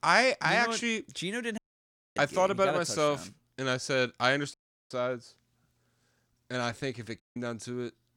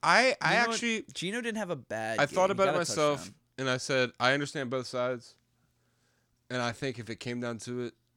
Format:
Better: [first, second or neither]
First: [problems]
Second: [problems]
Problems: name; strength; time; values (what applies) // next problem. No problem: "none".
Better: second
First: audio cutting out; at 1.5 s for 0.5 s, at 4.5 s and at 7 s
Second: none